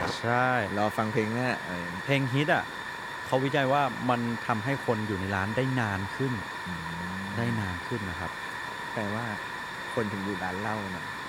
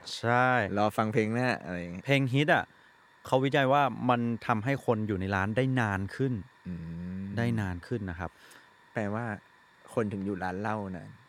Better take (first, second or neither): second